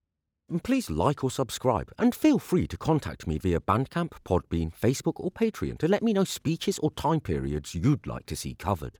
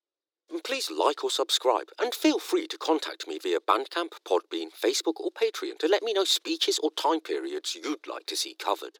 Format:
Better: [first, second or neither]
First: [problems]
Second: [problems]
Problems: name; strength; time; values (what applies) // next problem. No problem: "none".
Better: first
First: none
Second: thin; very; fading below 300 Hz